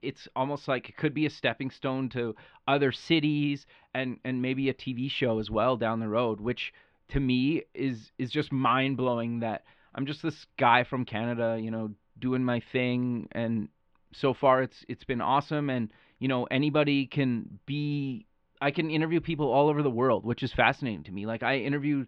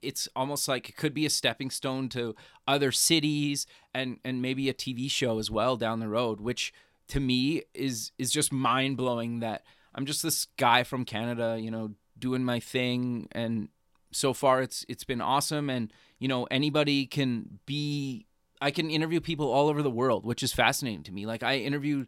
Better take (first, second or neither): second